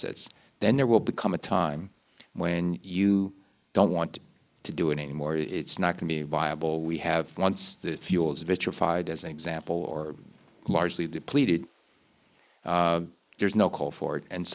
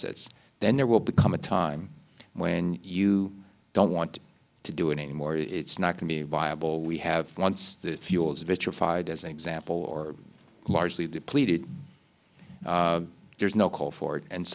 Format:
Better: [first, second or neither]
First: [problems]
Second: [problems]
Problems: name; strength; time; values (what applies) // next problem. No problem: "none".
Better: second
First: noise reduction (neural mask model Resemble Enhance denoiser)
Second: none